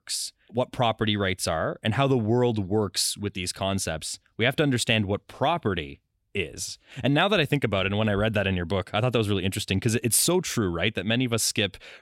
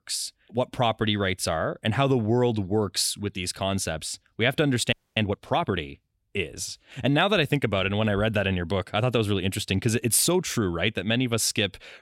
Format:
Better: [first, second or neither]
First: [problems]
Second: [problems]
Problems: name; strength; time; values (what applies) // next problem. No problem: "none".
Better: first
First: none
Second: audio freezing; at 5 s